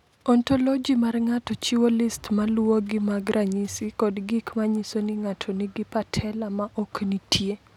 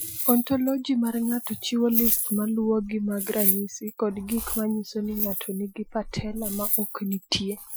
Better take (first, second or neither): first